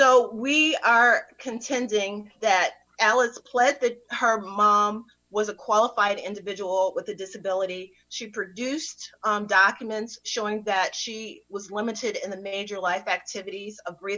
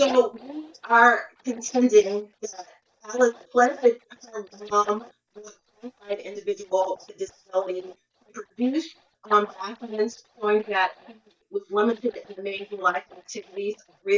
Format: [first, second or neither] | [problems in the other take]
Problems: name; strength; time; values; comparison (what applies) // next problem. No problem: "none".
first | noise reduction (neural mask model DeepFilterNet 3)